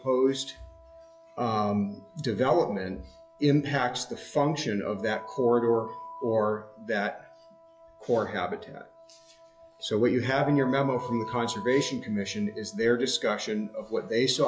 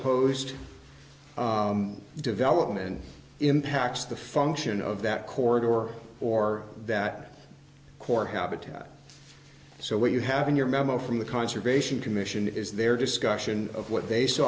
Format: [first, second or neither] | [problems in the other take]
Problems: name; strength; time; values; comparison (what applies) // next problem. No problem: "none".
second | noise reduction (classical method log-MMSE)